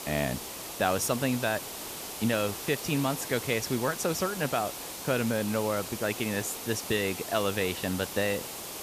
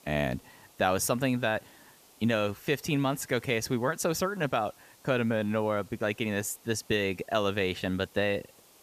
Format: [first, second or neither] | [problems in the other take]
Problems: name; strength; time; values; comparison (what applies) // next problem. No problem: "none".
second | hiss; loud; throughout; 7 dB below the speech; faint in the second